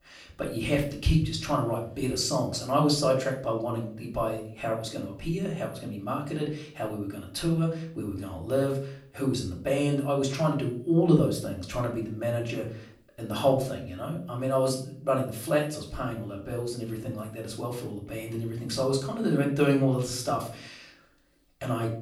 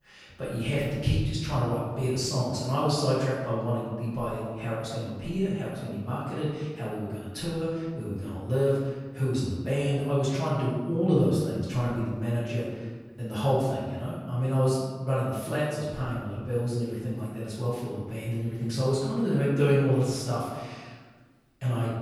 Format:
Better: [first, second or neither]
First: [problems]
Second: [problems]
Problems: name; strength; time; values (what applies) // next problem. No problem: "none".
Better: first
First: room echo; slight; dies away in 0.4 s // off-mic speech; far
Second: room echo; strong; dies away in 1.3 s // off-mic speech; far